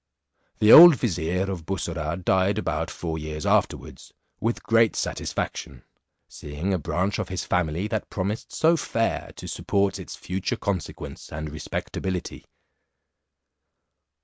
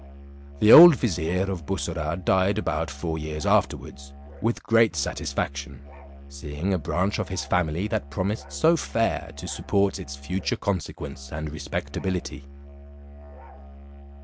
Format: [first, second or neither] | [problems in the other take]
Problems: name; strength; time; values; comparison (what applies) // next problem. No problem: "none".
first | background sound (Musical instrument); 17 dB below the speech